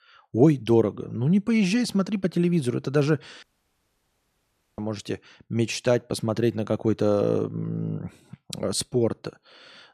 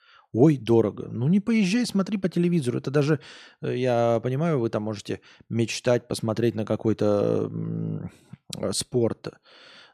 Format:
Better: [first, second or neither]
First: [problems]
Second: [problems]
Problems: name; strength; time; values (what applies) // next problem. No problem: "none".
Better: second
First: audio cutting out; at 3.5 s for 1.5 s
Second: none